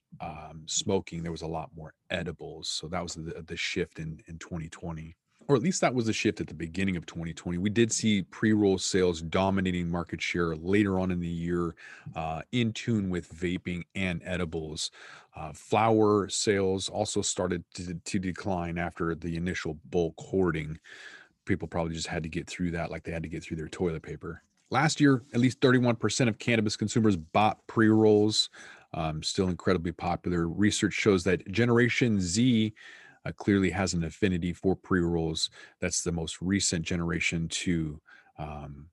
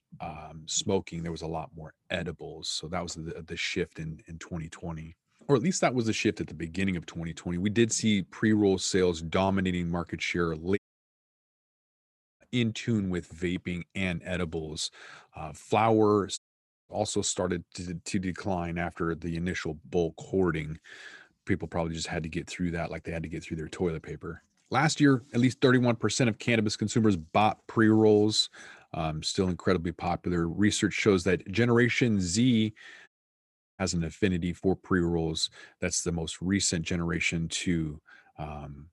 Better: first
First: none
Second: audio cutting out; at 11 s for 1.5 s, at 16 s for 0.5 s and at 33 s for 0.5 s

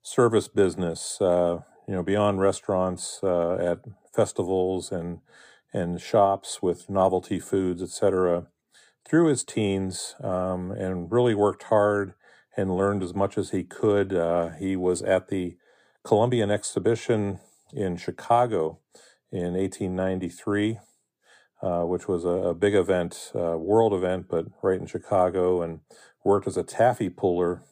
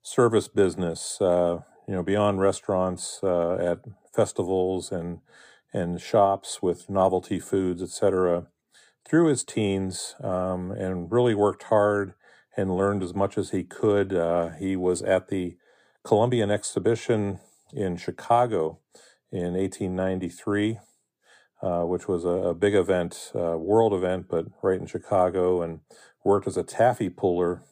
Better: neither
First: none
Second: none

